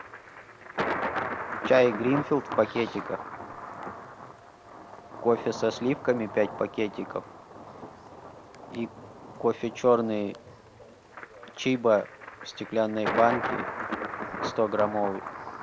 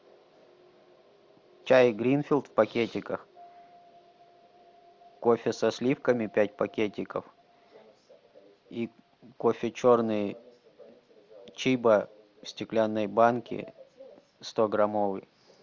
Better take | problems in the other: second | background sound (Thunder); 7 dB below the speech

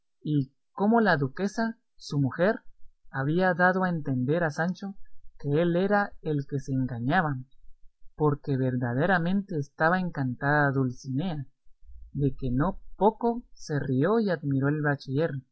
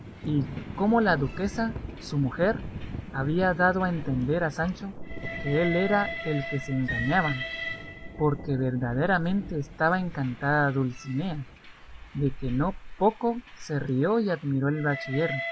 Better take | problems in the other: first | background sound (Thunder / Rain + Train); 10 dB below the speech

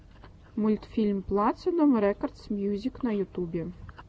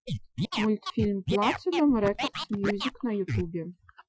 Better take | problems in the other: first | noise reduction (classical method Wiener filter)

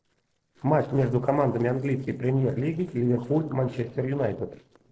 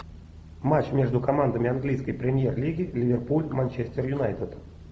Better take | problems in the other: second | noise reduction (neural separator model SepFormer DNS4)

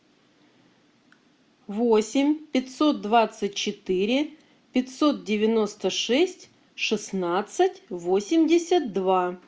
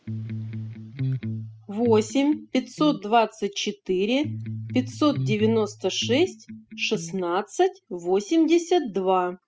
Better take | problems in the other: first | noise reduction (classical method spectral subtraction)

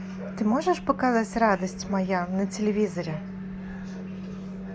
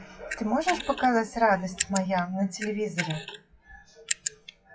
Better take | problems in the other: first | noise reduction (classical method WPE with log-MMSE)

